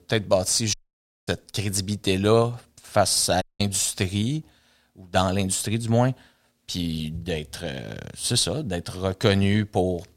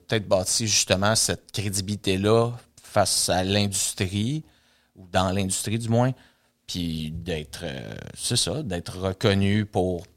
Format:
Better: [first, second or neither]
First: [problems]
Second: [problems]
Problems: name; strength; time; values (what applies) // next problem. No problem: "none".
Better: second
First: audio cutting out; at 0.5 s for 0.5 s and at 3.5 s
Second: none